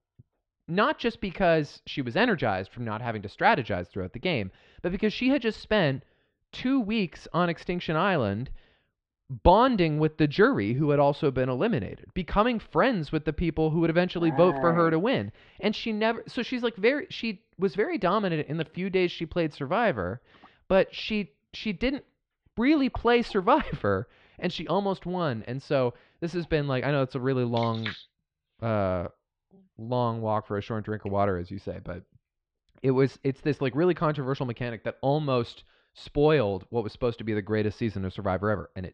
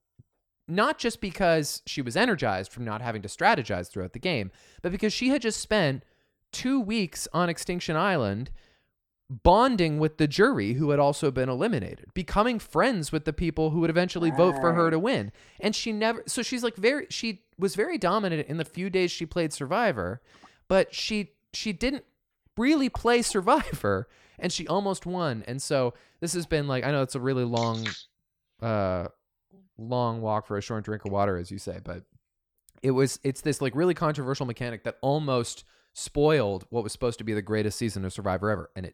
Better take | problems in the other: second | muffled; slightly; fading above 3.5 kHz

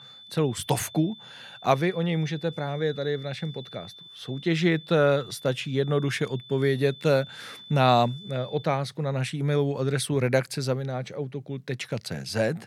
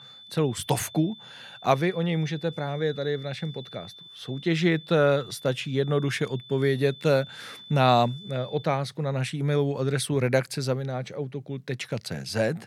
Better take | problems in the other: neither | high-pitched whine; noticeable; until 8.5 s; 3.5 kHz, 15 dB below the speech; the same in both

